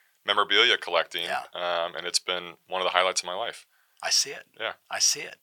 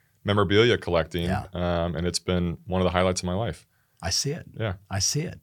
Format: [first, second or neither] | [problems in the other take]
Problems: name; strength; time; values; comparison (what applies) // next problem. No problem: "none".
second | thin; very; fading below 850 Hz